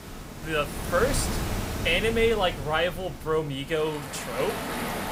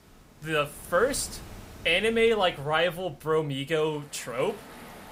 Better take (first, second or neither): second